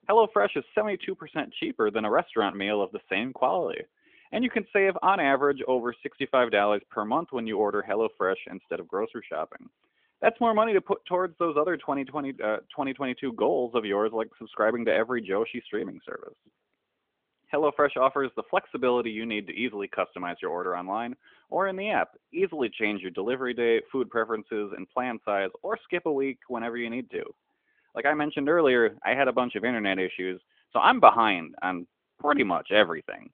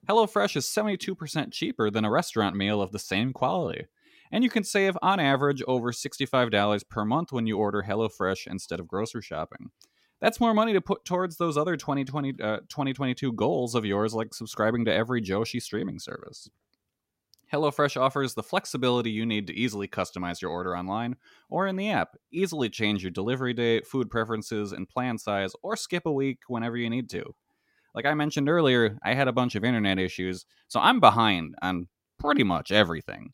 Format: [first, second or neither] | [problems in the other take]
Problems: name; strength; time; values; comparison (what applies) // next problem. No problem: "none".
second | phone-call audio; nothing above 3.5 kHz